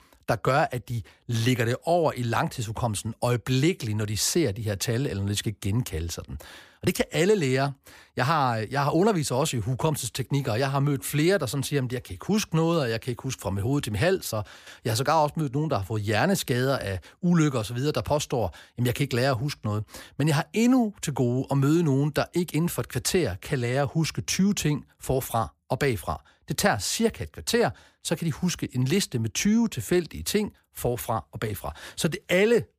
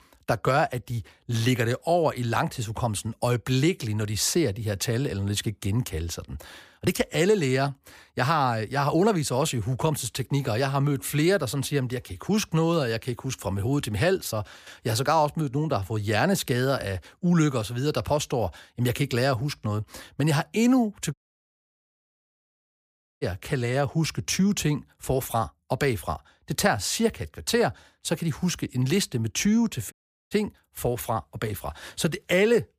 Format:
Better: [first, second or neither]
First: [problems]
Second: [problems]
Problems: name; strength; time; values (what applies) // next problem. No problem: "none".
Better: first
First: none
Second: audio cutting out; at 21 s for 2 s and at 30 s